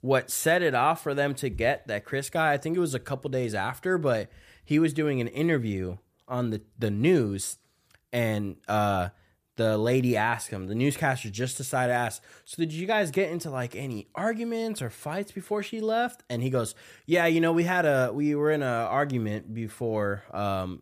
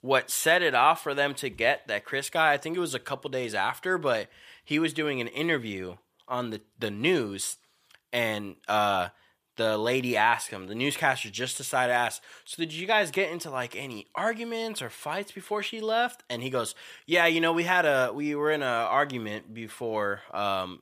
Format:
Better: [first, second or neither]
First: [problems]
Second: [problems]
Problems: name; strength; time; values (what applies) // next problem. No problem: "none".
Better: first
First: none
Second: thin; somewhat; fading below 800 Hz